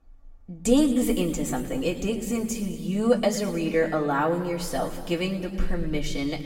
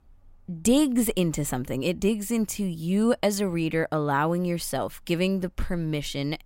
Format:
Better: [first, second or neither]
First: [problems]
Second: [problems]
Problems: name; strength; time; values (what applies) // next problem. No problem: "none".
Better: second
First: room echo; noticeable; dies away in 1.8 s // off-mic speech; far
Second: none